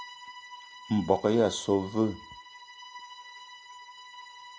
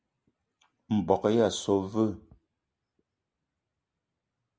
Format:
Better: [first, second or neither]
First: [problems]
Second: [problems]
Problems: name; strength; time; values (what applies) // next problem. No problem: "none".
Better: second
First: background sound (Bowed string instrument); 16 dB below the speech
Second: none